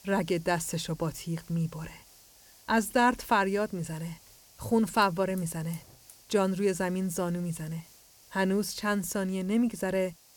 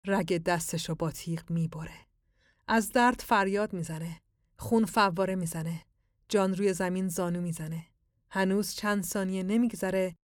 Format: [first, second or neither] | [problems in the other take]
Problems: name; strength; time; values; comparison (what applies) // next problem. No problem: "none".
second | hiss; faint; throughout; 25 dB below the speech